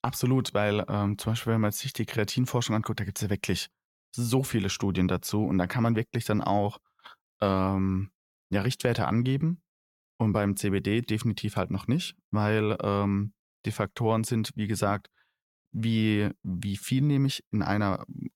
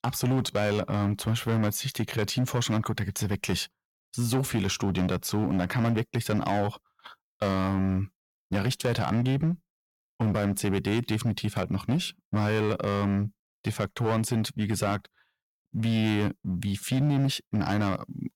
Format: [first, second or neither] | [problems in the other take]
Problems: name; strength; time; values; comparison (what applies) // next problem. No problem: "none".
first | distortion; slight; 11% of the sound clipped